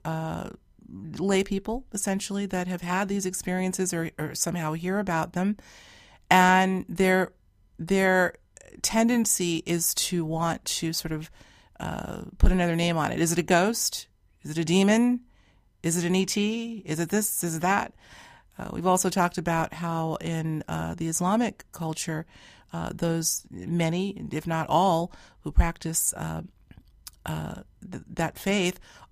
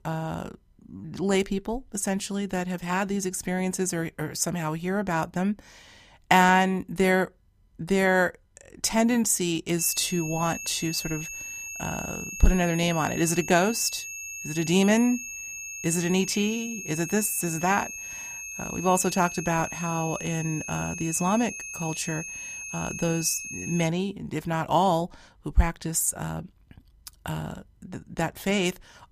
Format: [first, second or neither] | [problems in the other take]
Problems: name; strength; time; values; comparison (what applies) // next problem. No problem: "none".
first | high-pitched whine; loud; from 10 to 24 s; 6.5 kHz, 8 dB below the speech